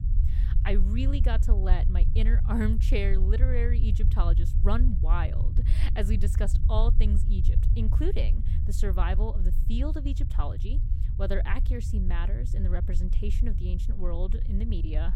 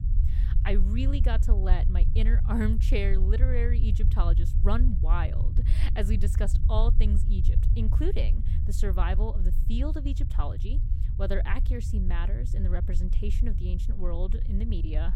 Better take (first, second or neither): neither